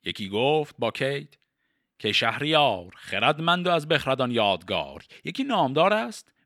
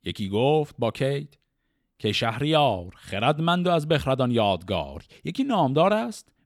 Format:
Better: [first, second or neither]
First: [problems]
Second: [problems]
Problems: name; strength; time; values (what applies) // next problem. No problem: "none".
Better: second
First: thin; very slightly; fading below 400 Hz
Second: none